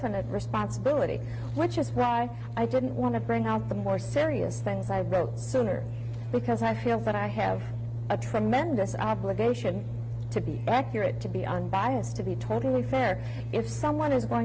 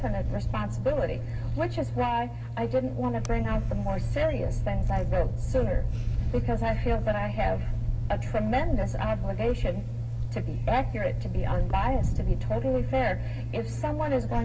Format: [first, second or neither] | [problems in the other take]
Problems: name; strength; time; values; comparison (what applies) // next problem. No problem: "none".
first | background sound (Camera); 2 dB below the speech // room echo; dies away in 0.4 s